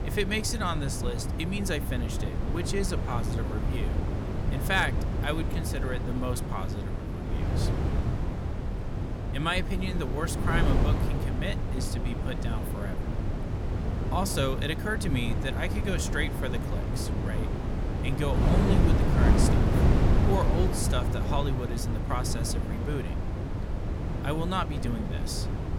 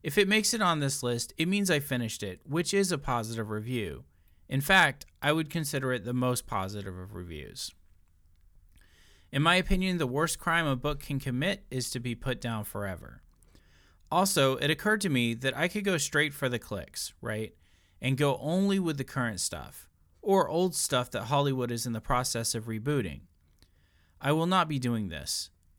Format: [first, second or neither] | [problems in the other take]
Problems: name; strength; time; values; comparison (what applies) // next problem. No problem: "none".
second | wind noise on the microphone; heavy; 3 dB below the speech